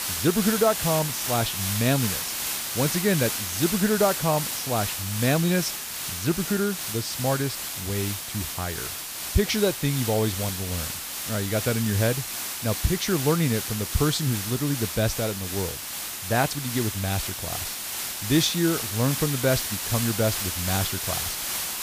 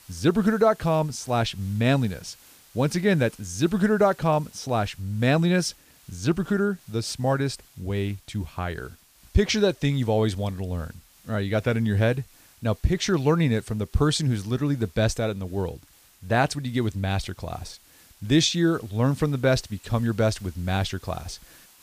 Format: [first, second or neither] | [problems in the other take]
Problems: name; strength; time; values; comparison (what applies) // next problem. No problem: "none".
second | hiss; loud; throughout; 2 dB below the speech; faint in the second